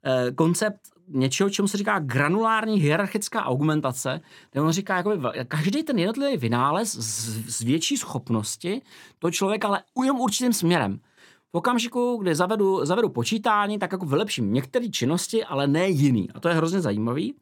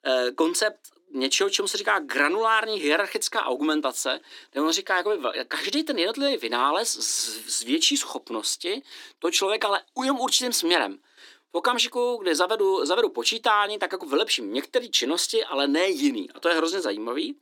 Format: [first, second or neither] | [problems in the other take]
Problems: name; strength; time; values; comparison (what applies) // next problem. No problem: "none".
first | thin; somewhat; fading below 300 Hz